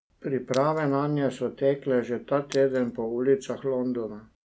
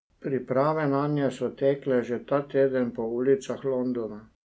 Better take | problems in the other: second | background sound (Shatter); 20 dB below the speech

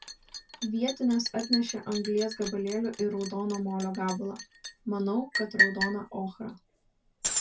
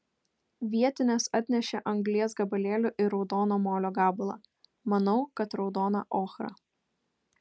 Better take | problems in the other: second | background sound (Liquid); 3 dB below the speech // room echo; dies away in 0.1 s

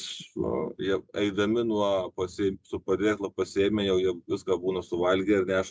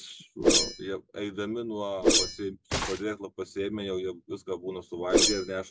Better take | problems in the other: first | background sound (Whoosh, swoosh, swish); 4 dB above the speech

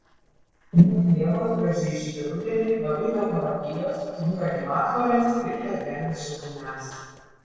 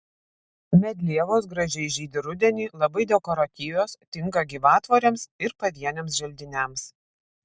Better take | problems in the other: second | noise reduction (neural separator model SepFormer DNS4)

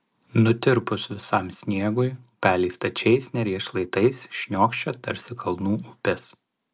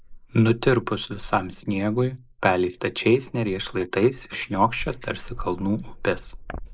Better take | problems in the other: first | noise reduction (neural mask model Resemble Enhance denoiser)

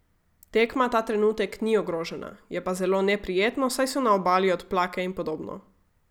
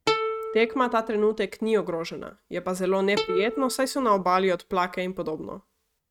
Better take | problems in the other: first | noise reduction (neural mask model RNNoise)

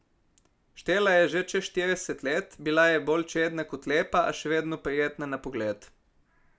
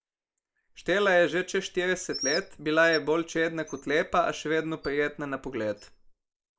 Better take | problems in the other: first | noise reduction (neural mask model Resemble Enhance denoiser)

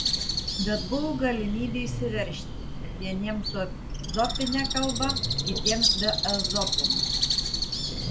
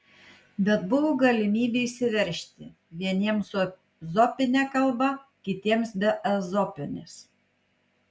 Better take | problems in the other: second | background sound (Train + Bird); 3 dB above the speech

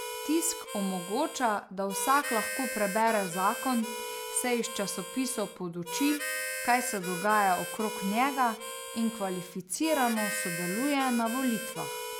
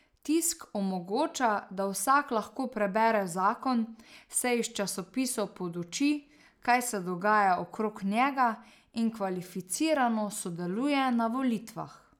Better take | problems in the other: second | background sound (Harmonica); 7 dB below the speech

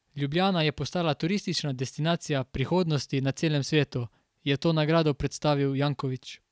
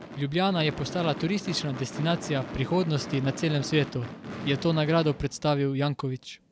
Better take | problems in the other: first | background sound (Gunshot, gunfire / Fireworks); 12 dB below the speech

